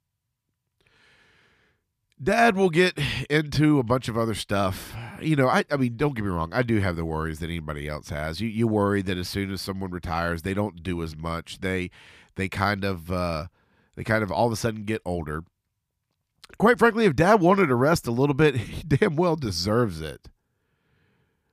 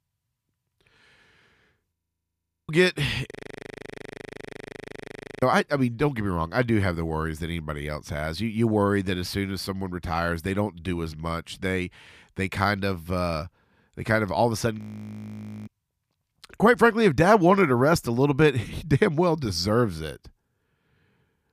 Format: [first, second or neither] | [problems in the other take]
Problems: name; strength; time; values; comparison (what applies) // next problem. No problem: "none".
first | audio freezing; at 2 s for 1 s, at 3.5 s for 2 s and at 15 s for 1 s